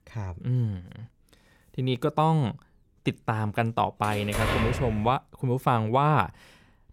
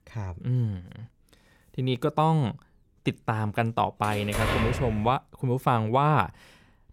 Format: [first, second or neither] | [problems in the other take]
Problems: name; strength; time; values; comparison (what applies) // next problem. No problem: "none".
neither | door banging; loud; from 4 to 5 s; peak level with the speech; the same in both